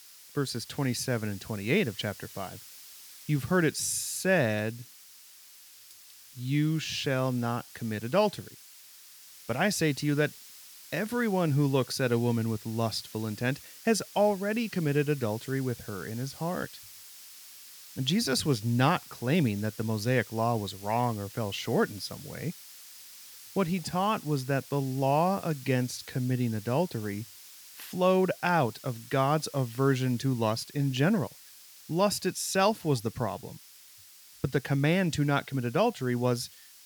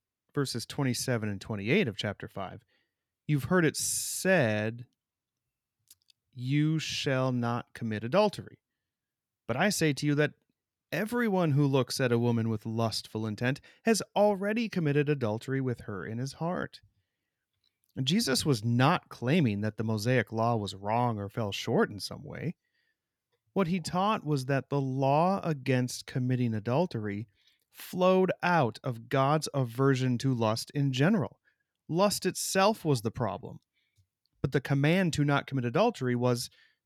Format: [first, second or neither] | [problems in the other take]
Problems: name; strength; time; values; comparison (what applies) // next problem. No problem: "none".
second | hiss; noticeable; throughout; 20 dB below the speech